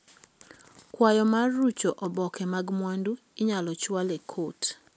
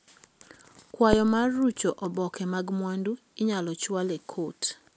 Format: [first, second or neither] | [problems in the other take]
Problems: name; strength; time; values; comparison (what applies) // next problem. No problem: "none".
first | background sound (Fireworks); 14 dB below the speech